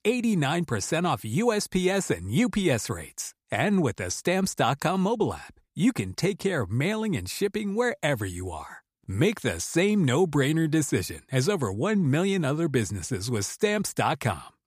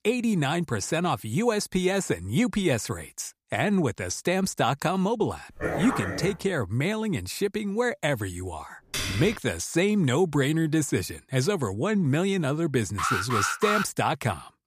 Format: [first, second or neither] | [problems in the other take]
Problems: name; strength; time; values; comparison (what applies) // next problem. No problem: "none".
first | dog barking; noticeable; at 5.5 s; peak 3 dB below the speech // keyboard typing; noticeable; at 9 s; peak 3 dB below the speech // alarm; loud; at 13 s; peak level with the speech